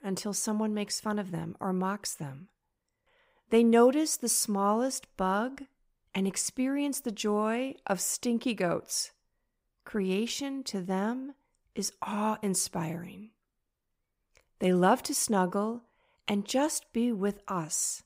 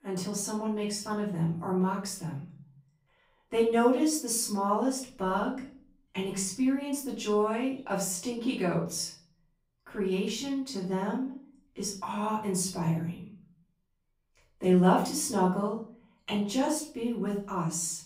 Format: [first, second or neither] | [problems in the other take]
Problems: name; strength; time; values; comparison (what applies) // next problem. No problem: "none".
first | off-mic speech; far // room echo; slight; dies away in 0.5 s